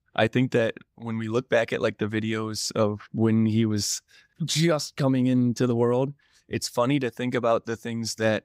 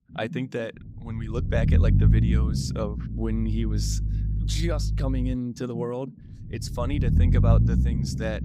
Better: first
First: none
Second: low rumble; loud; throughout; 4 dB below the speech

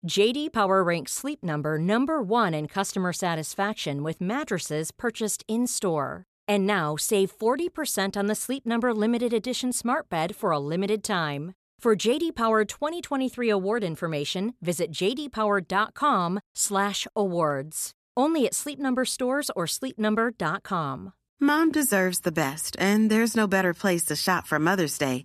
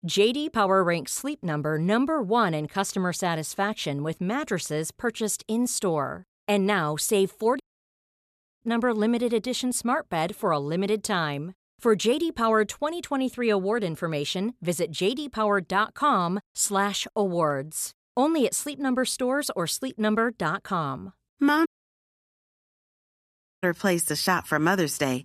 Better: first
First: none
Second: audio cutting out; at 7.5 s for 1 s and at 22 s for 2 s

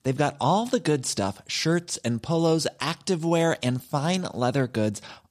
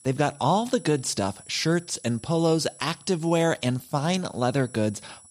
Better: first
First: none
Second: high-pitched whine; faint; throughout; 10 kHz, 20 dB below the speech

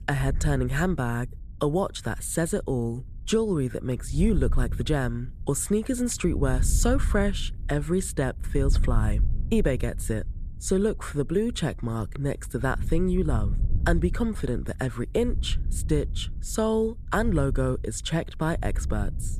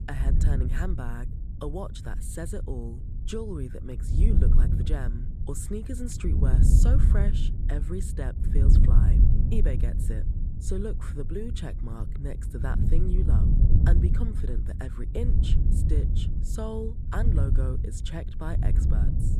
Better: first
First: wind noise on the microphone; occasional gusts; 20 dB below the speech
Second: wind noise on the microphone; heavy; 2 dB below the speech

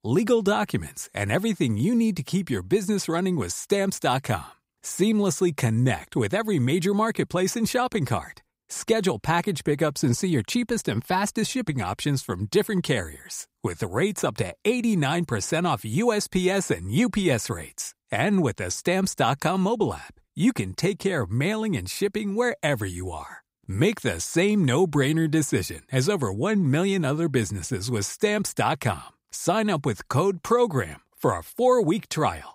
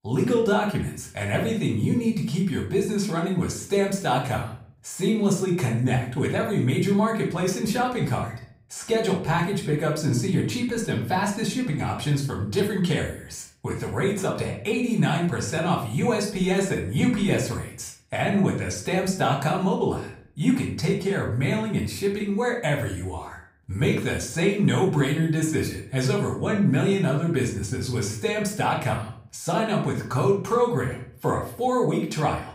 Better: first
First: none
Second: off-mic speech; far // room echo; noticeable; dies away in 0.4 s

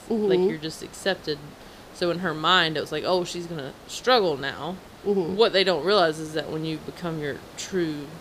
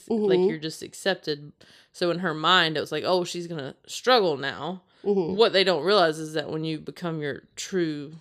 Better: second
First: hiss; faint; throughout; 20 dB below the speech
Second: none

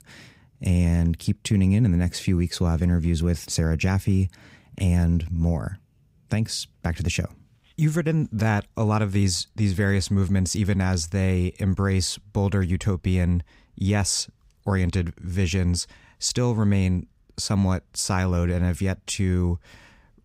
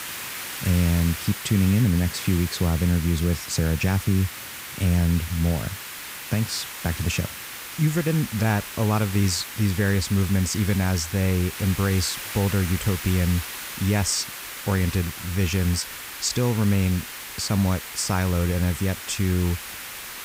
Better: first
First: none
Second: hiss; loud; throughout; 9 dB below the speech

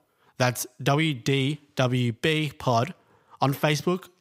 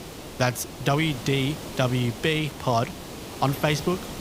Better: first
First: none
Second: hiss; noticeable; throughout; 10 dB below the speech

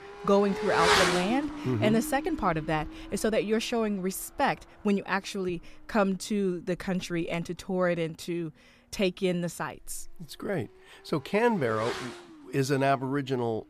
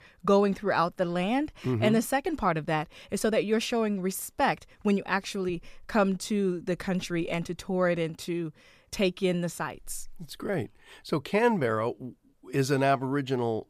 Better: second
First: traffic noise; loud; throughout; 2 dB below the speech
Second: none

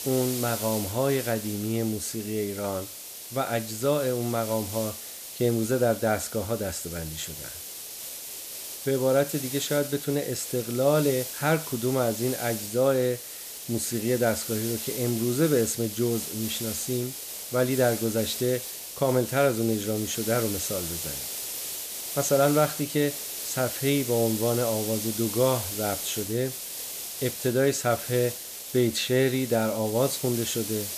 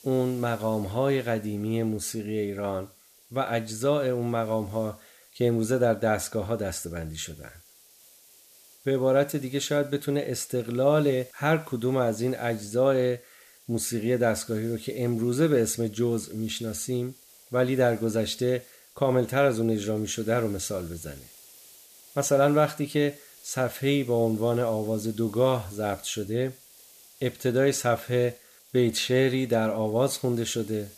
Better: second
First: hiss; loud; throughout; 6 dB below the speech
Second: hiss; faint; throughout; 25 dB below the speech

